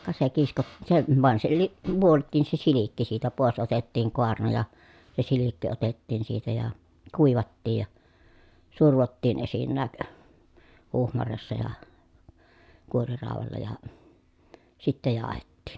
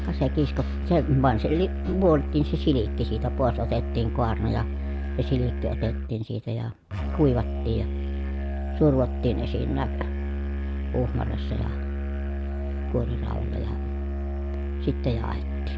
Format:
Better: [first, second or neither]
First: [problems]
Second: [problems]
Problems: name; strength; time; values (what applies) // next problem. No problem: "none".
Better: first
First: none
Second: background sound (Musical instrument); 1 dB below the speech